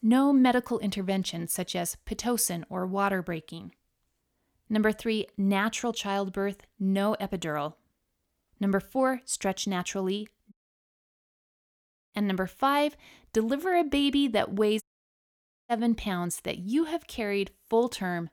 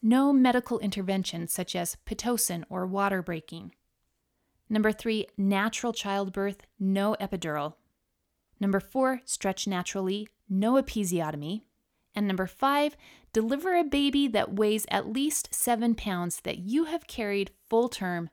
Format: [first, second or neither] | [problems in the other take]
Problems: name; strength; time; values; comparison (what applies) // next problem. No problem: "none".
second | audio cutting out; at 11 s for 1.5 s and at 15 s for 1 s